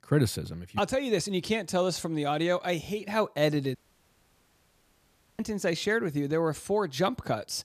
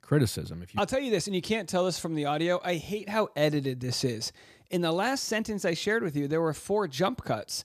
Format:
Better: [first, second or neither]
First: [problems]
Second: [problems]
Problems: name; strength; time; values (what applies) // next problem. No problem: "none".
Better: second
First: audio cutting out; at 4 s for 1.5 s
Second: none